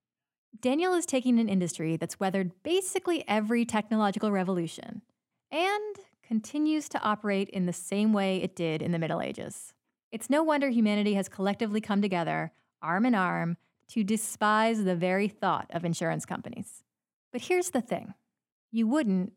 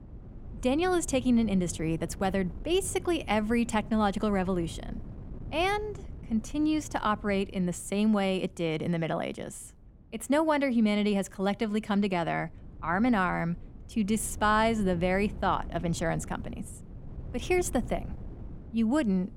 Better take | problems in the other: first | wind noise on the microphone; occasional gusts; 25 dB below the speech

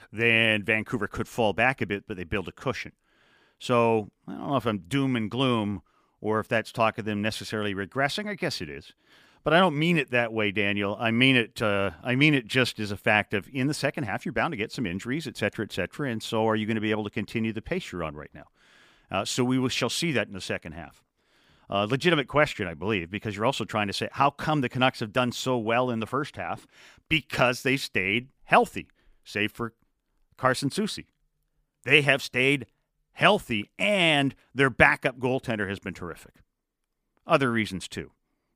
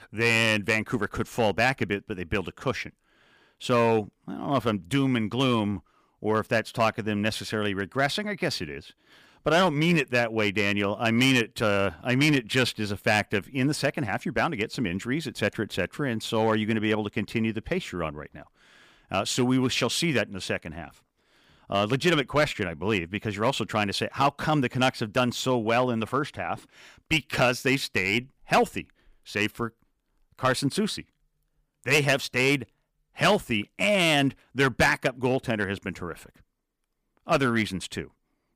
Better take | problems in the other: first | distortion; slight; 2% of the sound clipped

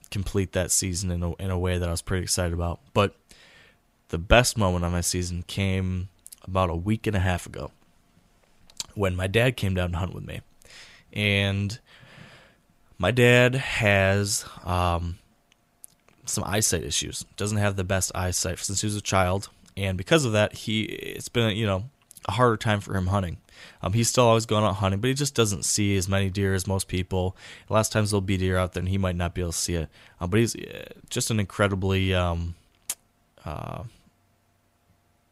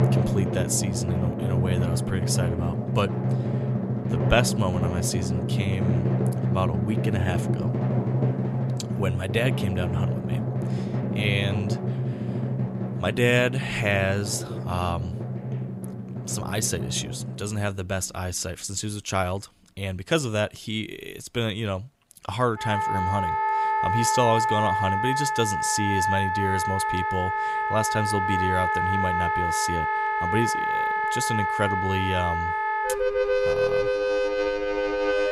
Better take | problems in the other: first | background music; very loud; throughout; 2 dB above the speech

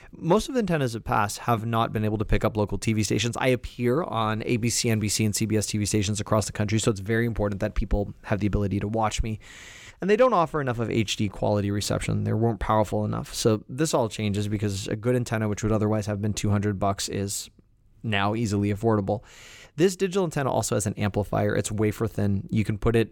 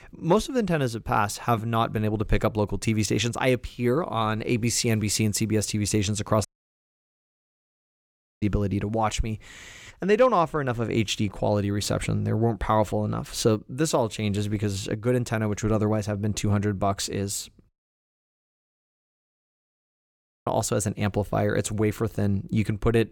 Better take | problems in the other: first | audio cutting out; at 6.5 s for 2 s and at 18 s for 3 s

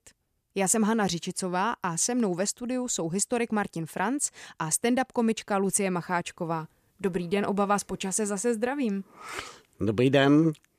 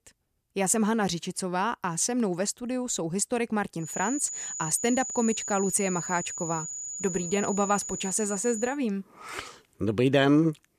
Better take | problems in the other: first | high-pitched whine; loud; from 4 to 8.5 s; 7 kHz, 6 dB below the speech

